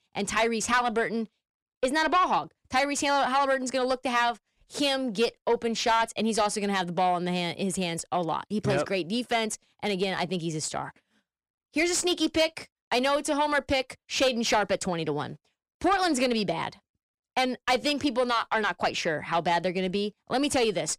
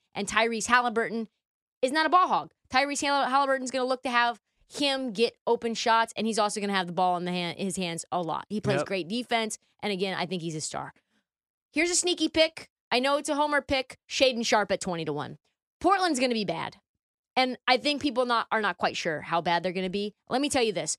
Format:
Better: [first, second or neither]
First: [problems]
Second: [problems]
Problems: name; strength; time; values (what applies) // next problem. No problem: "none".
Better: second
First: distortion; slight; 10 dB below the speech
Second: none